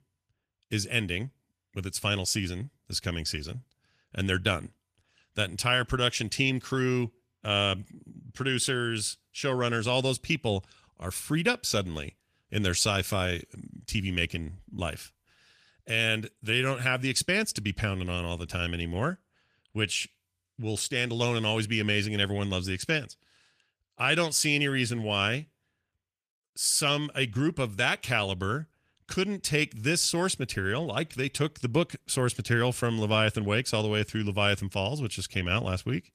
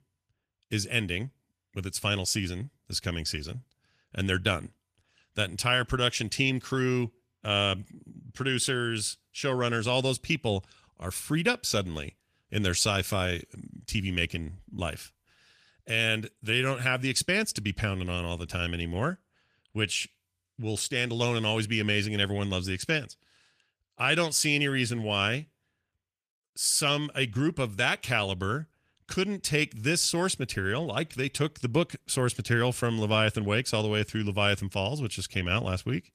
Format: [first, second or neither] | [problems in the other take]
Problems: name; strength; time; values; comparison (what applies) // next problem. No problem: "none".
neither | garbled, watery; slightly; nothing above 14.5 kHz; the same in both